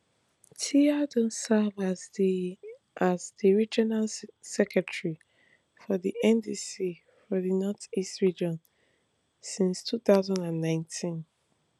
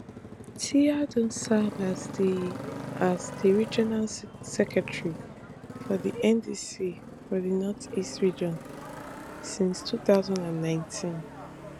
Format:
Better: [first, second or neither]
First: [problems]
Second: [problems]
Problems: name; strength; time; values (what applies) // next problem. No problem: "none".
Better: first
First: none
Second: background sound (Motorcycle); 12 dB below the speech